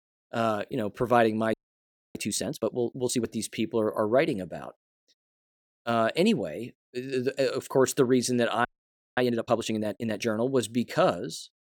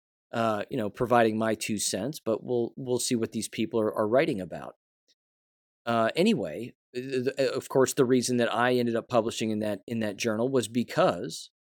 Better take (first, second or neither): second